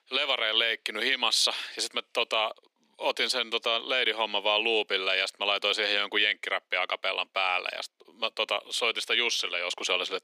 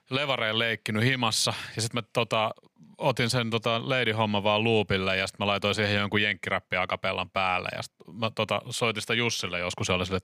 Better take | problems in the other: second | thin; very; fading below 300 Hz

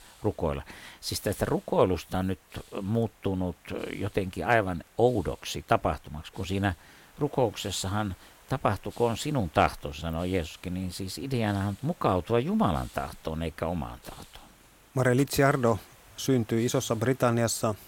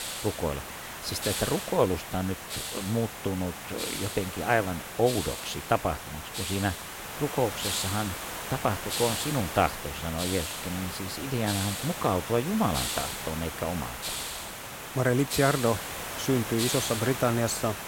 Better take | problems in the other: first | hiss; loud; throughout; 4 dB below the speech; faint in the first

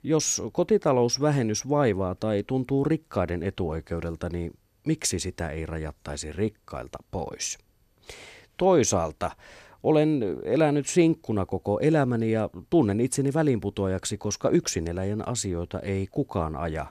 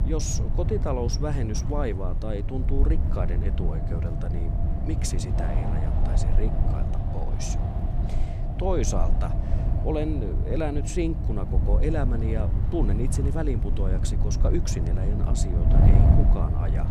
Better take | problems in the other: first | wind noise on the microphone; heavy; 4 dB below the speech

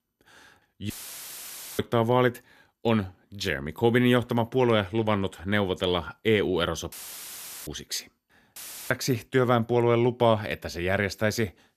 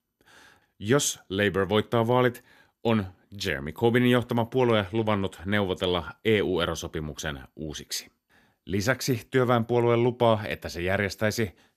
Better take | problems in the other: second | audio cutting out; filled with static; at 1 s for 1 s, at 7 s for 1 s and at 8.5 s

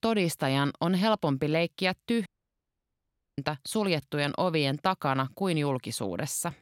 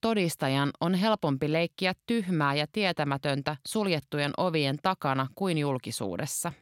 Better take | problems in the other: second | audio cutting out; at 2.5 s for 1 s

